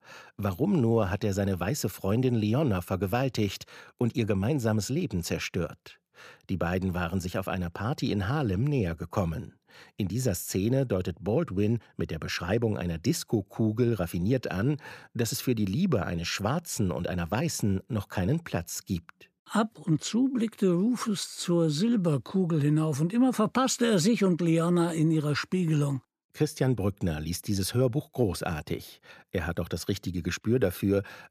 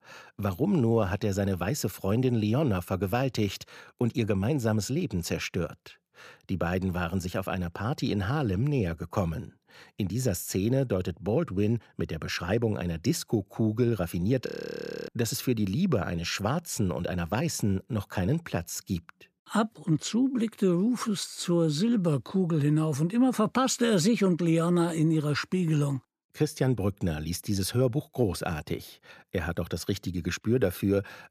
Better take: first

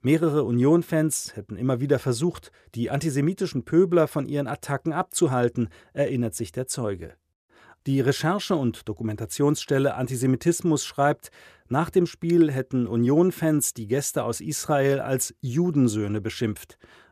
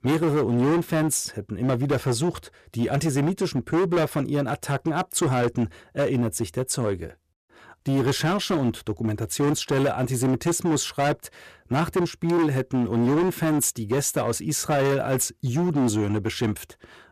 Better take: first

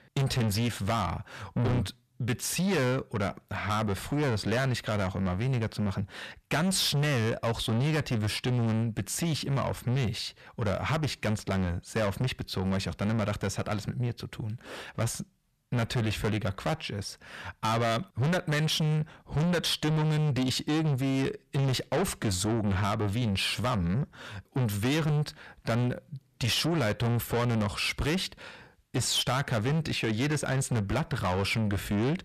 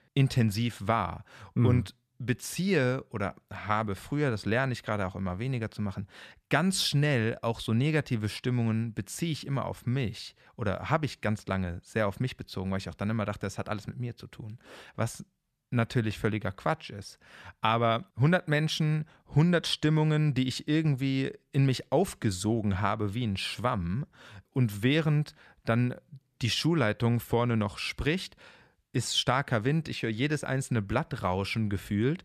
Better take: second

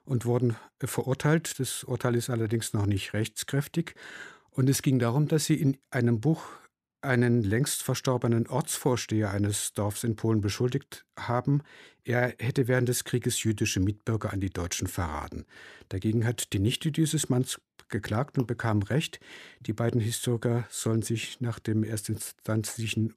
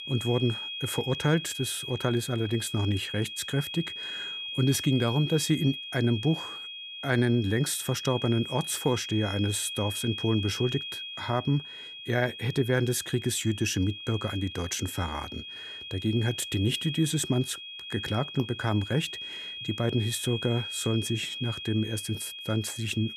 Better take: first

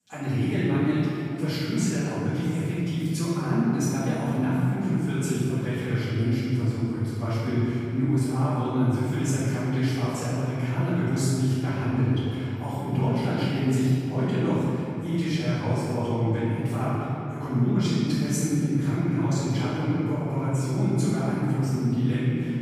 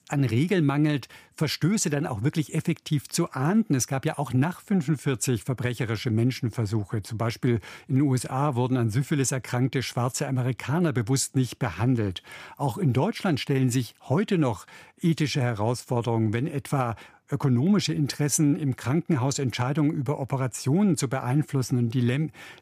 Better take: second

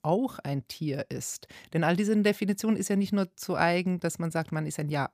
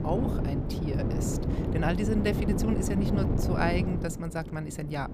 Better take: first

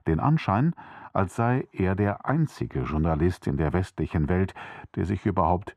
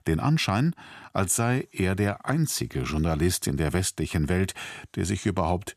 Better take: second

